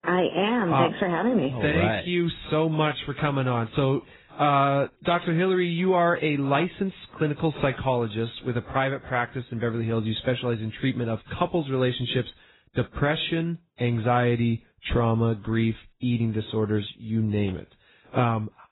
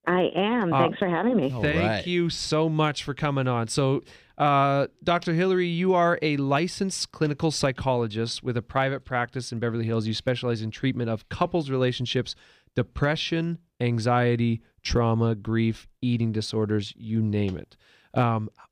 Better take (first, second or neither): second